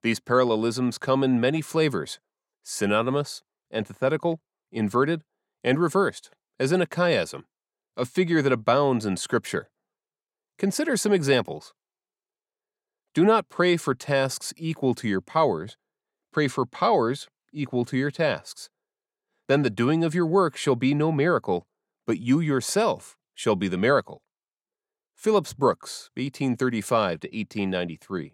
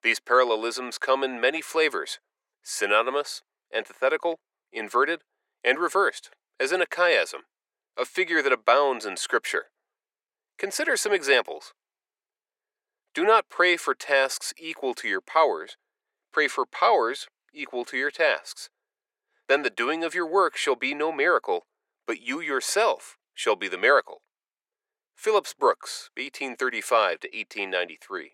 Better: first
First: none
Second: thin; very; fading below 400 Hz

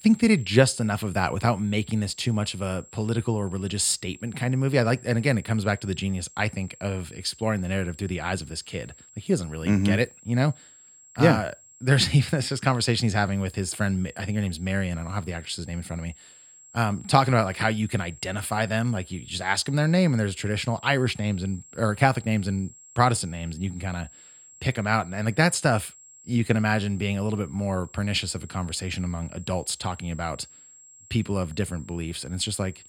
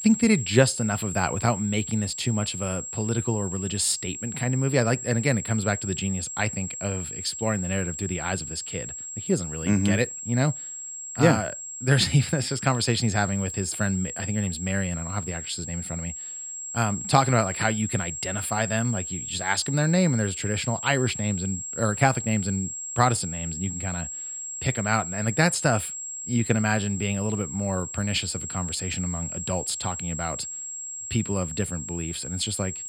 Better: first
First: high-pitched whine; faint; throughout; 7.5 kHz, 20 dB below the speech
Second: high-pitched whine; loud; throughout; 7.5 kHz, 6 dB below the speech

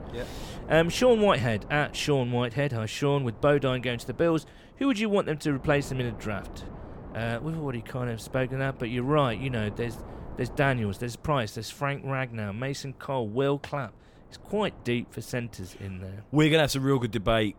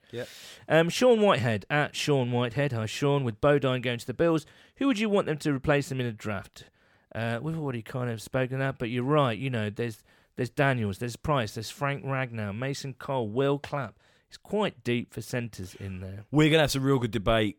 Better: second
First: wind noise on the microphone; occasional gusts; 20 dB below the speech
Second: none

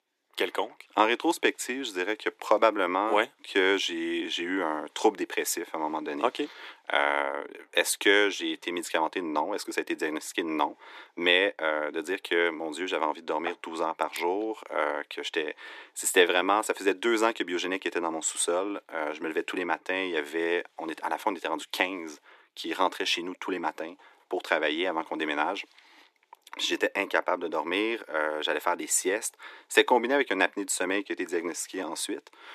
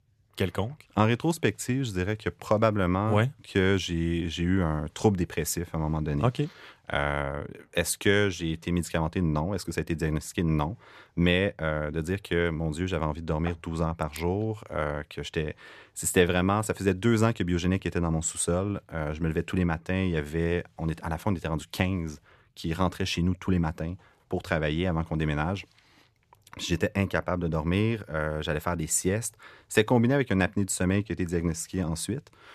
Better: second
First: thin; very; fading below 300 Hz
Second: none

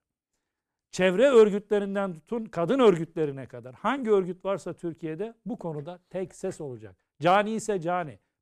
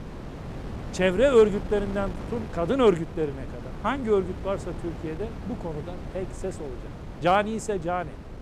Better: first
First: none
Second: wind noise on the microphone; occasional gusts; 15 dB below the speech

